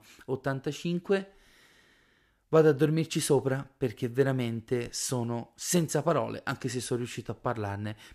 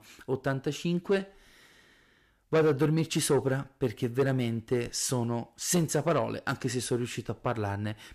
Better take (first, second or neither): first